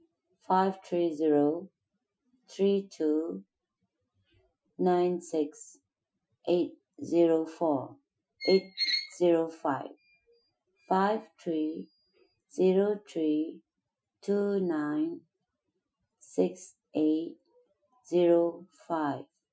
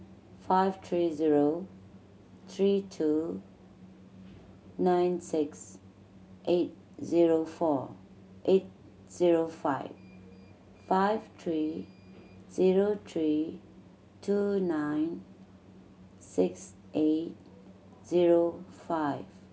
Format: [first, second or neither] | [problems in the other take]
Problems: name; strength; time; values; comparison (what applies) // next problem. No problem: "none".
second | noise reduction (classical method Wiener filter)